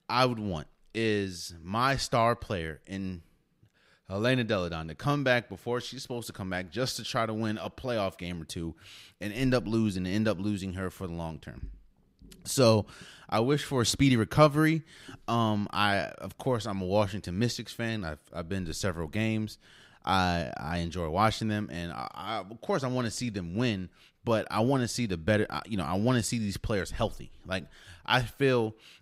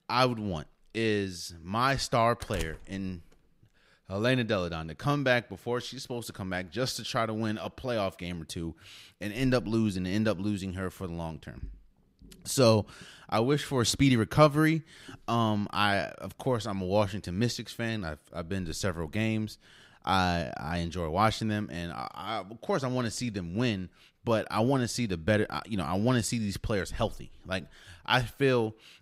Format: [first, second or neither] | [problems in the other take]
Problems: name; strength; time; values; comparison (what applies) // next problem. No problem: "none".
first | door banging; faint; at 2.5 s; peak 10 dB below the speech